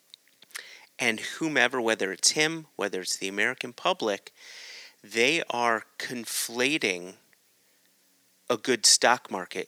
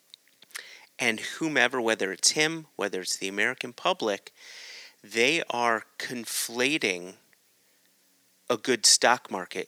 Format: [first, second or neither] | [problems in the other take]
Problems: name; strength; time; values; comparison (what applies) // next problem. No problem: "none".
neither | thin; somewhat; fading below 250 Hz; the same in both